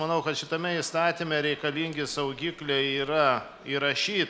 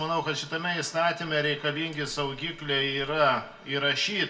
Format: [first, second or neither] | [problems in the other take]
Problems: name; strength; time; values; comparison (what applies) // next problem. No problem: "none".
first | room echo; dies away in 0.2 s